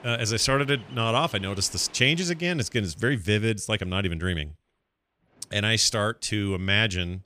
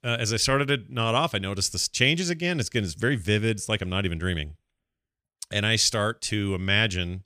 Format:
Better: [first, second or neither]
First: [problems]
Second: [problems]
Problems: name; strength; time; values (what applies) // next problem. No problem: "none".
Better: second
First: rain or running water; faint; throughout; 25 dB below the speech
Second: none